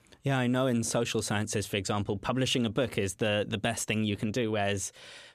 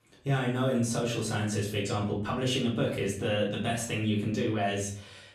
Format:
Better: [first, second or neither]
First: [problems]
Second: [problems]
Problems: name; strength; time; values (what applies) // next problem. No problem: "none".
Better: first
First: none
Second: off-mic speech; far // room echo; slight; dies away in 0.5 s